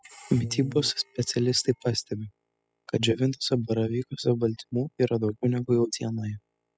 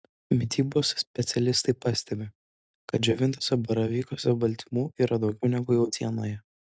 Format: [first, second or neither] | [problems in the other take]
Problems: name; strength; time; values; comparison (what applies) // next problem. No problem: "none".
second | noise reduction (classical method spectral subtraction)